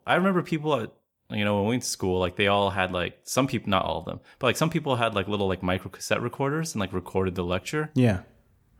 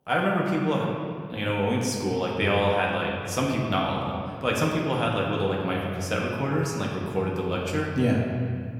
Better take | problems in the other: first | room echo; noticeable; dies away in 2 s // off-mic speech; somewhat distant

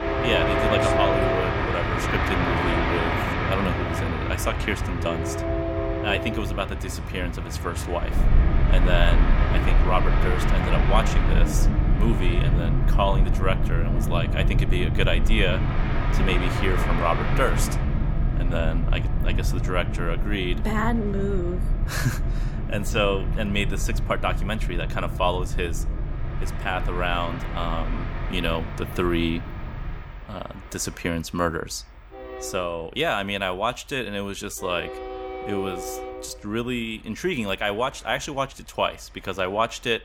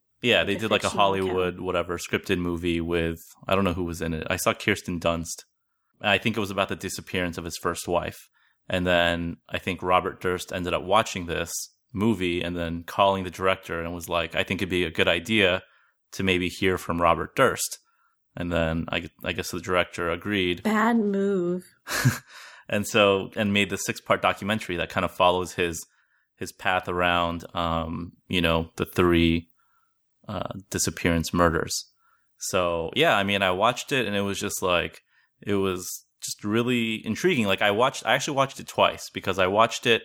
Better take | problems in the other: second | train or aircraft noise; very loud; throughout; 2 dB above the speech

